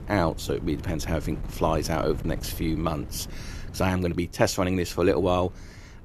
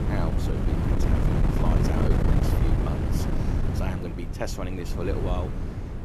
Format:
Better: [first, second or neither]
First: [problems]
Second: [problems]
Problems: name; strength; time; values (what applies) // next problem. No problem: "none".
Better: first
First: wind noise on the microphone; occasional gusts; 20 dB below the speech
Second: wind noise on the microphone; heavy; 2 dB above the speech